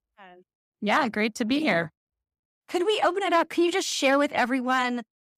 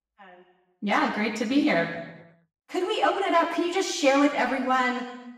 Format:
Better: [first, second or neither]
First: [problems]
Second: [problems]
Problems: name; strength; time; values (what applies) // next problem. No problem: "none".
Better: first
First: none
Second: room echo; noticeable; dies away in 1 s // off-mic speech; far